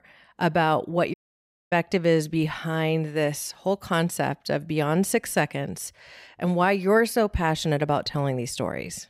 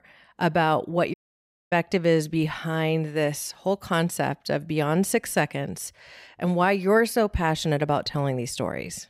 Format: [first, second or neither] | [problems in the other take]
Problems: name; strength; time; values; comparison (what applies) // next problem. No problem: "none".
neither | audio cutting out; at 1 s for 0.5 s; the same in both